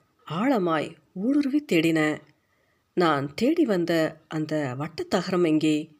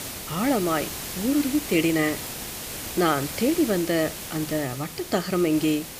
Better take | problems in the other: first | hiss; loud; throughout; 8 dB below the speech

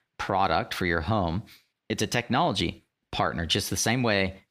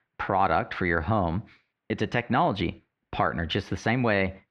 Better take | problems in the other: first | muffled; very; fading above 2 kHz

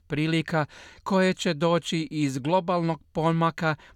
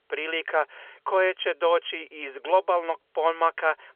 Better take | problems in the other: first | phone-call audio; nothing above 3.5 kHz

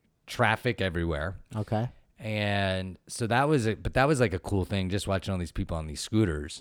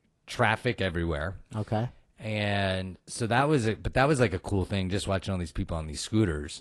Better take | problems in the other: first | garbled, watery; slightly

